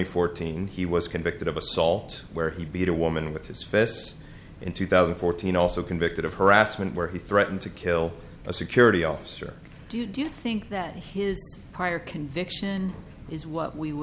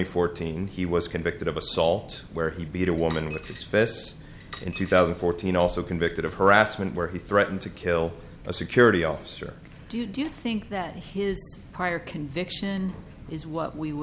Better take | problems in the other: first | background sound (Coin (dropping)); 19 dB below the speech

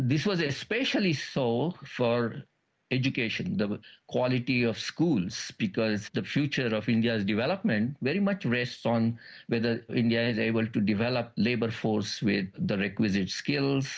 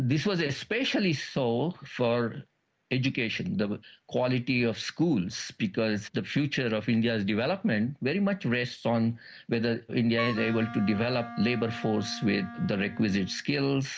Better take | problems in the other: first | background sound (Wind instrument, woodwind instrument); 12 dB below the speech

